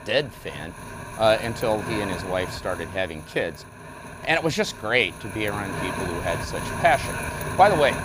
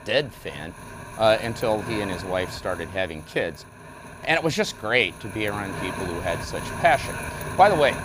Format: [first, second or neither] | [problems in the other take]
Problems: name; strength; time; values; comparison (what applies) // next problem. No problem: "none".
second | wind noise on the microphone; heavy; 10 dB below the speech; occasional gusts in the second